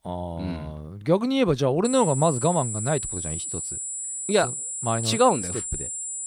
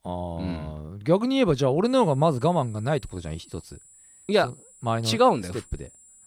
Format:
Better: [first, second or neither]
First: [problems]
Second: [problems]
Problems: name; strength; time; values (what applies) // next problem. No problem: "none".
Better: second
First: high-pitched whine; loud; from 2 s on; 7.5 kHz, 5 dB below the speech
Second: high-pitched whine; faint; from 2 s on; 7.5 kHz, 25 dB below the speech